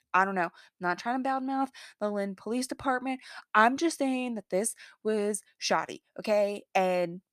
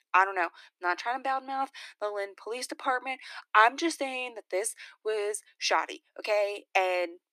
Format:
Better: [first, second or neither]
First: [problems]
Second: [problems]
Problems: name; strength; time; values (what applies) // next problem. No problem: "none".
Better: first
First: none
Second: thin; very; fading below 300 Hz